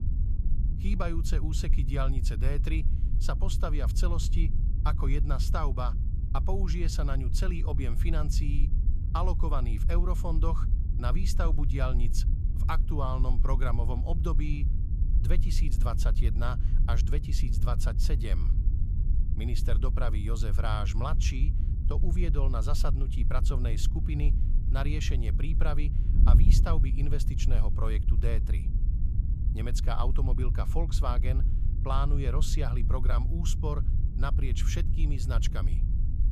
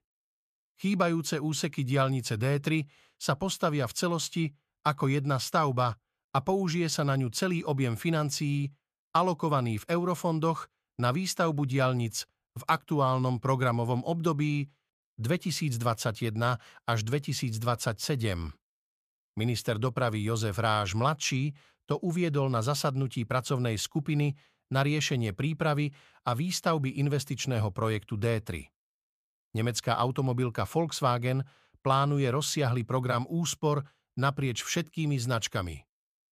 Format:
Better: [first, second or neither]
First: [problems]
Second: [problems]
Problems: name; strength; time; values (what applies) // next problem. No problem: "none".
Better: second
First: wind noise on the microphone; heavy; 9 dB below the speech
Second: none